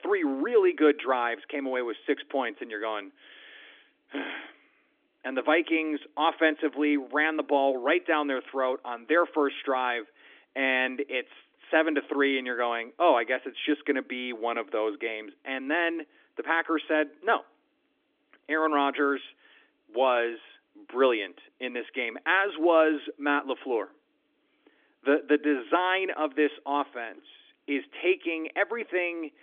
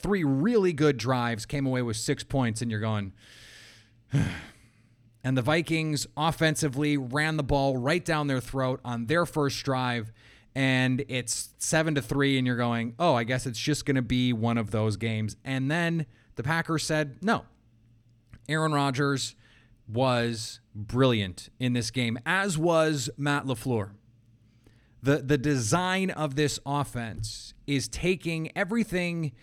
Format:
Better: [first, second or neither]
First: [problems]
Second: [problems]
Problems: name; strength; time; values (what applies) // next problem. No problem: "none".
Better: second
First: phone-call audio; nothing above 3.5 kHz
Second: none